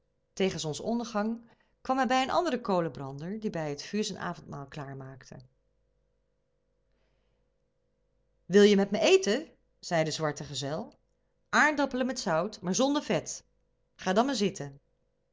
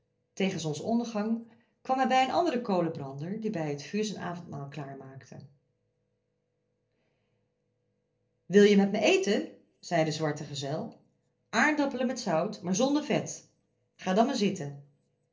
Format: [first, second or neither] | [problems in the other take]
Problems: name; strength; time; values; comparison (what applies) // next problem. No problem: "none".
first | room echo; dies away in 0.3 s